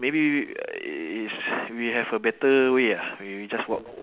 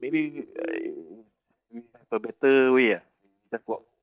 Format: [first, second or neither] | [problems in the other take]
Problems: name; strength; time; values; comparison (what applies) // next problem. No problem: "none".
first | noise reduction (neural mask model DeepFilterNet 3)